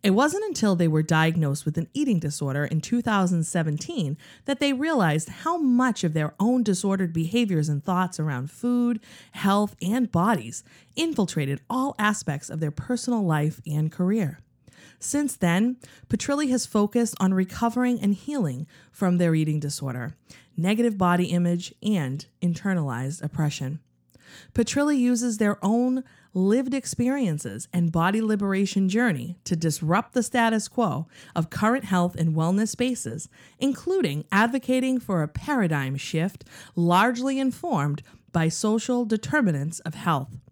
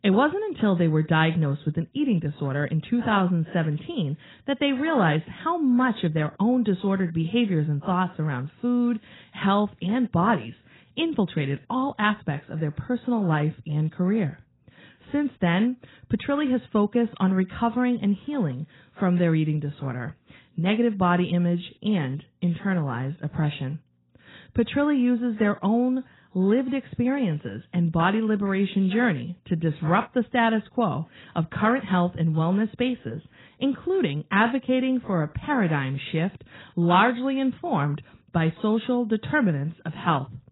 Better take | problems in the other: first | garbled, watery; badly; nothing above 4 kHz

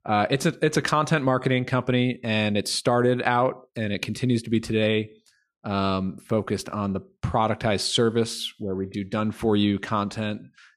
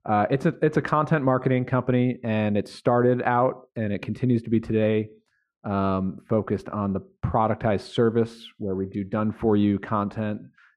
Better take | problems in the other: first | muffled; very; fading above 2.5 kHz

